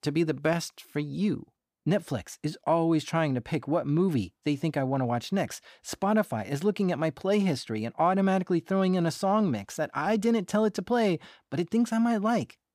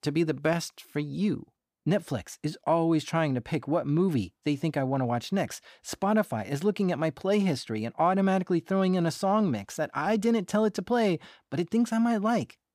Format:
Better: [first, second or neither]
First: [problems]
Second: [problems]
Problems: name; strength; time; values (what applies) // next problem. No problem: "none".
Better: neither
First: none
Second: none